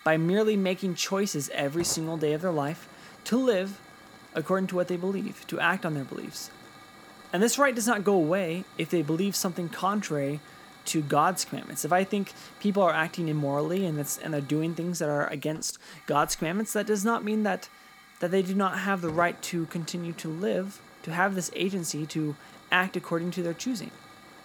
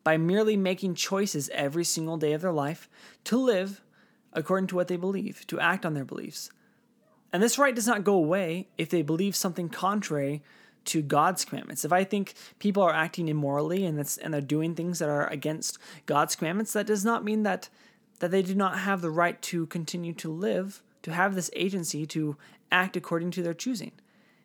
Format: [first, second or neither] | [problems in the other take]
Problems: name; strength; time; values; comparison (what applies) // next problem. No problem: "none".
second | hiss; faint; throughout; 20 dB below the speech